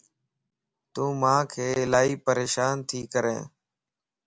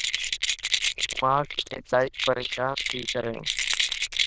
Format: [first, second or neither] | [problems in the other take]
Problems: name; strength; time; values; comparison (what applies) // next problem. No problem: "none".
first | noise reduction (neural diffusion model UNIVERSE++)